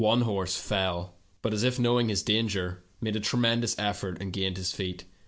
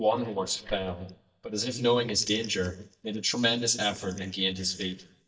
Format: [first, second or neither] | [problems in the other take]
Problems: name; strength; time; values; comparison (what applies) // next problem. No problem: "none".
first | noise reduction (neural mask model DeepFilterNet 3)